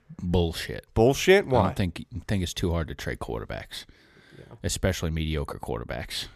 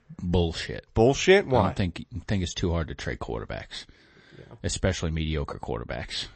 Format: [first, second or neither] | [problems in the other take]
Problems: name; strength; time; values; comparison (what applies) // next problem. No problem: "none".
first | garbled, watery; slightly; nothing above 8 kHz